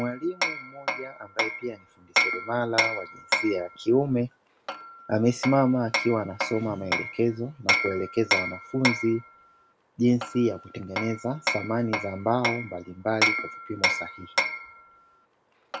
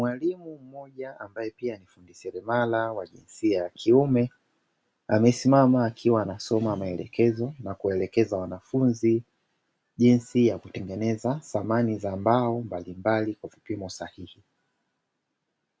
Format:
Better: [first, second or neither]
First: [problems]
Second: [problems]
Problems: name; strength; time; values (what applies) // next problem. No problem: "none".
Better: second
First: background sound (Hammer); 3 dB below the speech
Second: none